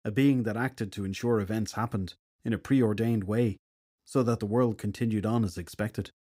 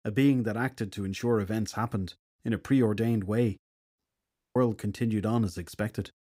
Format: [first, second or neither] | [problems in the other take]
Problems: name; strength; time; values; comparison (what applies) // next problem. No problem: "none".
first | audio cutting out; at 4 s for 0.5 s